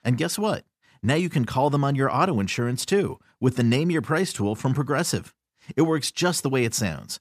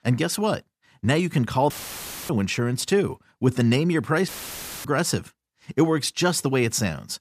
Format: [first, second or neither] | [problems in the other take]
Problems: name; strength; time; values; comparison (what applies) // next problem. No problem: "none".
first | audio cutting out; filled with static; at 1.5 s for 0.5 s and at 4.5 s for 0.5 s